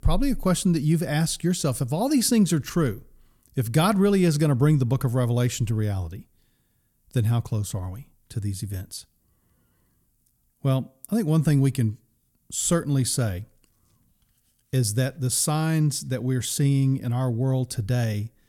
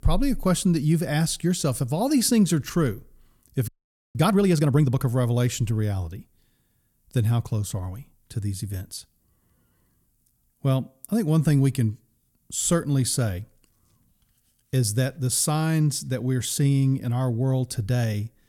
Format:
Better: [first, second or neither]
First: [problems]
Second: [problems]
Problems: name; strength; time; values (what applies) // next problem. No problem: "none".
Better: first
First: none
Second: audio freezing; at 3.5 s